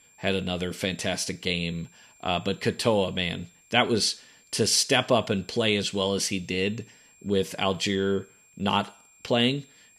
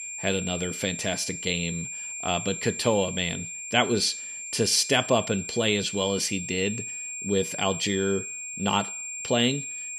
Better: first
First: high-pitched whine; faint; throughout; 7.5 kHz, 30 dB below the speech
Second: high-pitched whine; loud; throughout; 7.5 kHz, 7 dB below the speech

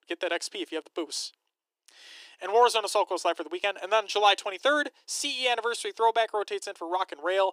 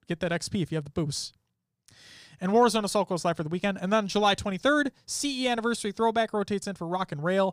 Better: second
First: thin; very; fading below 300 Hz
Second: none

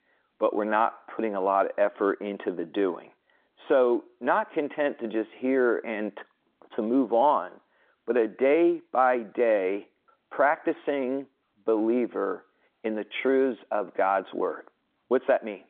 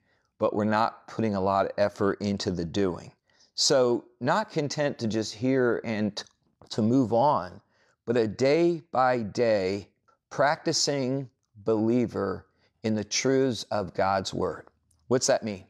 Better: second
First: phone-call audio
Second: none

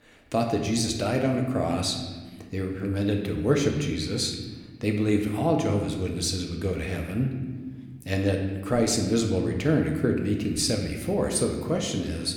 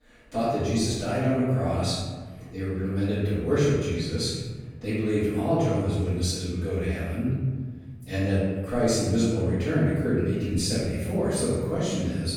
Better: first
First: room echo; slight; dies away in 1.3 s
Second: room echo; strong; dies away in 1.5 s // off-mic speech; far

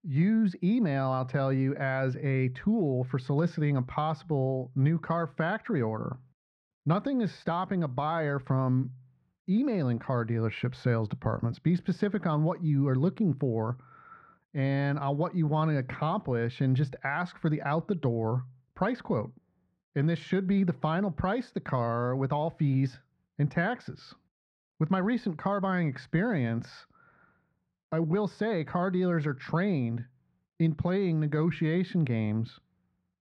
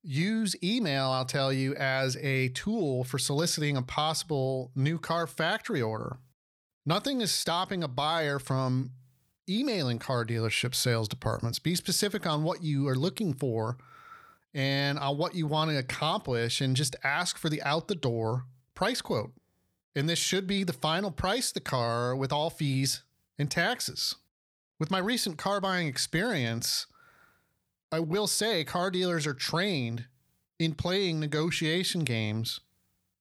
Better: second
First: muffled; very; fading above 1.5 kHz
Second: none

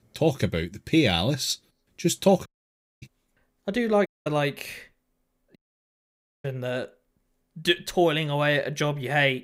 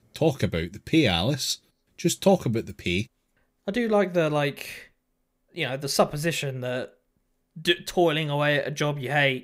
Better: second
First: audio cutting out; at 2.5 s for 0.5 s, at 4 s and at 5.5 s for 1 s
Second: none

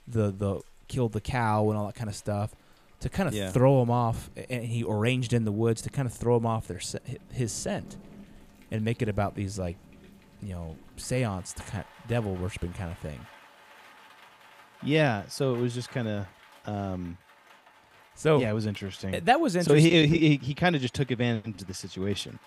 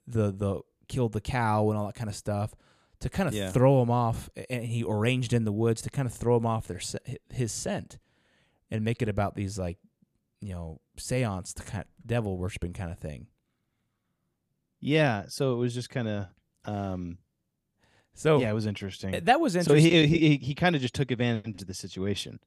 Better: second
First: rain or running water; faint; throughout; 25 dB below the speech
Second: none

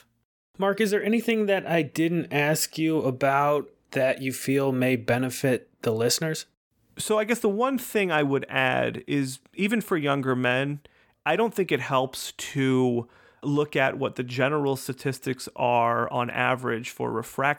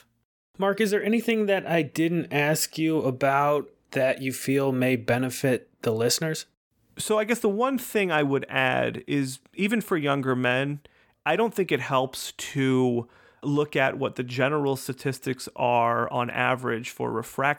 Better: neither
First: none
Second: none

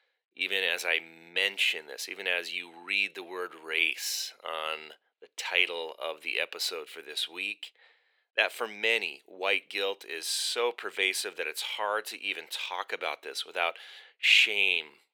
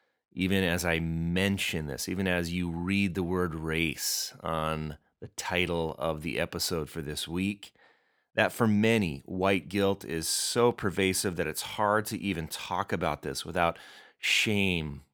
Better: second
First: thin; very; fading below 450 Hz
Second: none

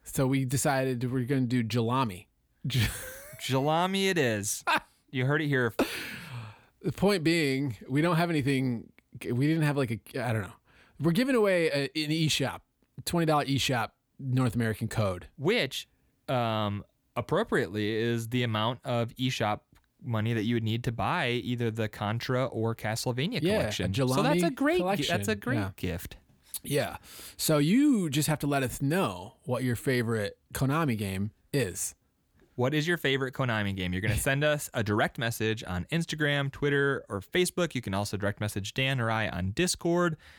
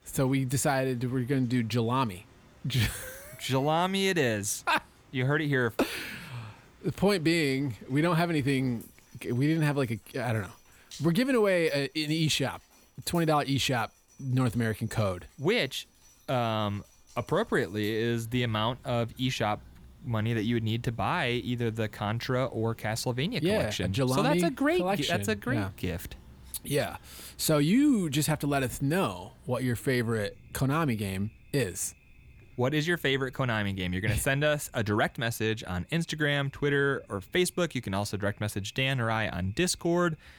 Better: first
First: none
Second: rain or running water; faint; throughout; 25 dB below the speech

